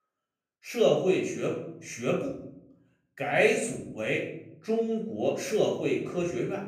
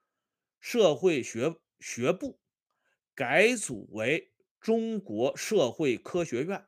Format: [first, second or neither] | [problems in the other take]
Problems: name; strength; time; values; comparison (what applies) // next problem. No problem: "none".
second | off-mic speech; far // room echo; noticeable; dies away in 0.6 s